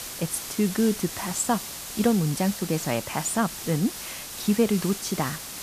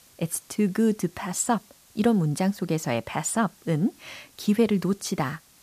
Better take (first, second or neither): second